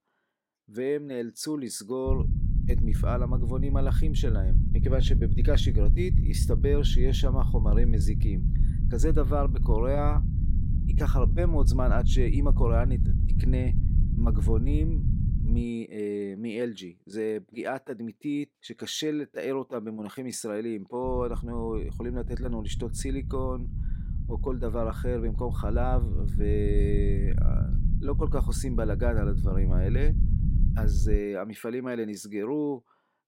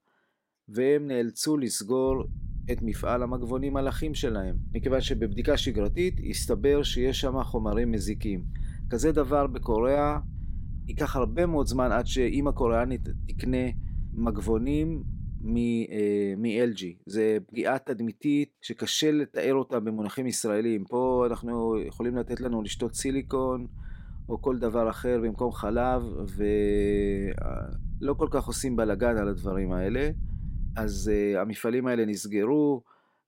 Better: second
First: low rumble; loud; from 2 to 16 s and from 21 to 31 s; 9 dB below the speech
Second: low rumble; faint; from 2 to 16 s and from 21 to 31 s; 25 dB below the speech

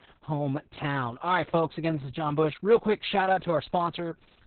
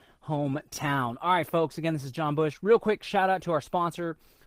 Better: second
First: garbled, watery; badly; nothing above 4 kHz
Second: garbled, watery; slightly; nothing above 15.5 kHz

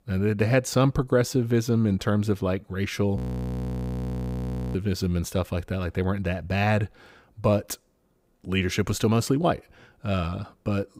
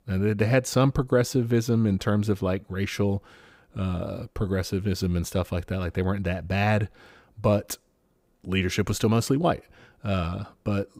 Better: second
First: audio freezing; at 3 s for 1.5 s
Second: none

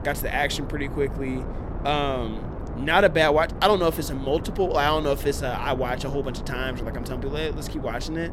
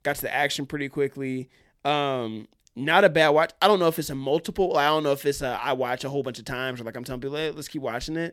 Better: second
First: wind noise on the microphone; occasional gusts; 15 dB below the speech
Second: none

